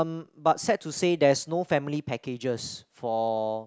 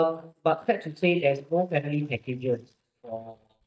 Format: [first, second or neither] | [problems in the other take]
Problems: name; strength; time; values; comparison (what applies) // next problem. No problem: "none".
first | noise reduction (neural mask model DeepFilterNet 3)